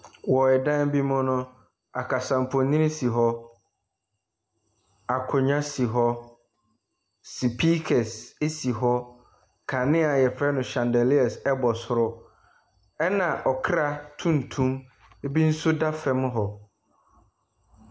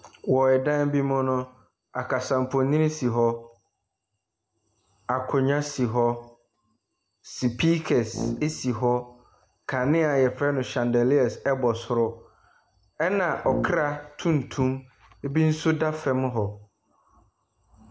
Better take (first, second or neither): first